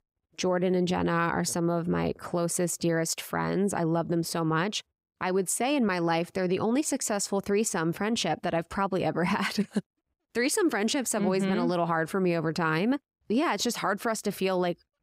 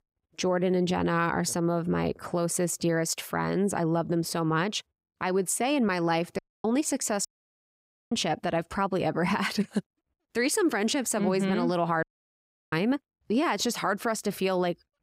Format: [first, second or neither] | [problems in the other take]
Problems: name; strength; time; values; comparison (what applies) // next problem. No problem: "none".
first | audio cutting out; at 6.5 s, at 7.5 s for 1 s and at 12 s for 0.5 s